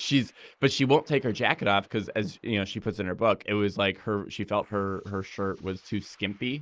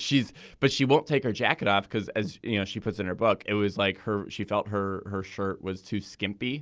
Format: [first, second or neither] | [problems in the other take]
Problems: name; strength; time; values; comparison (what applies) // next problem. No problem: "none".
second | noise reduction (neural mask model Resemble Enhance denoiser)